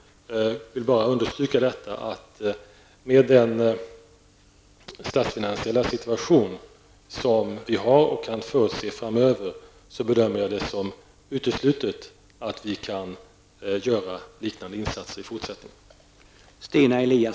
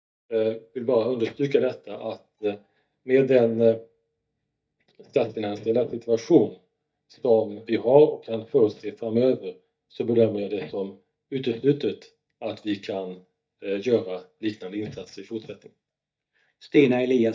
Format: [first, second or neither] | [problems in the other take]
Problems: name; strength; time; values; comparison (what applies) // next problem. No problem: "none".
first | noise reduction (neural mask model DeepFilterNet 3)